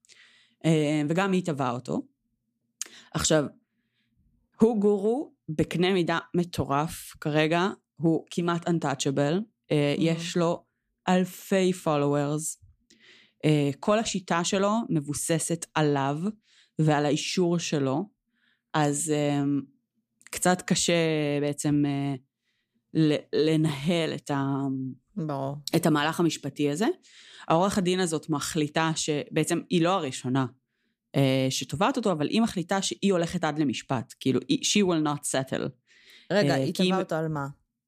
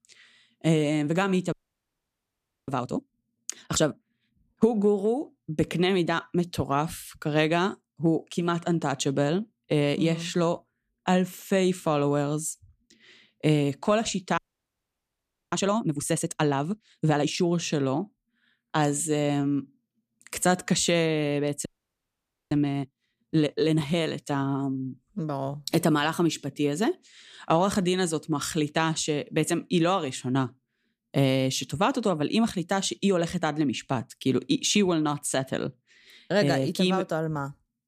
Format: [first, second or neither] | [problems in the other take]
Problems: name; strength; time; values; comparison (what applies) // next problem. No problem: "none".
first | audio freezing; at 1.5 s for 1 s, at 14 s for 1 s and at 22 s for 1 s